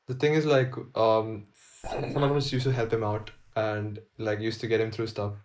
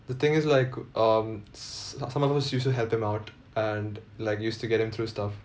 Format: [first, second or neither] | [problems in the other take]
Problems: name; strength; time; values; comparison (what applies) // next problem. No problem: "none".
second | noise reduction (neural mask model Resemble Enhance denoiser)